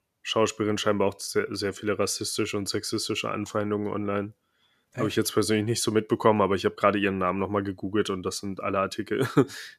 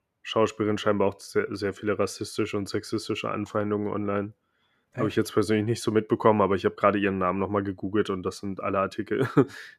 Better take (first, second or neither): first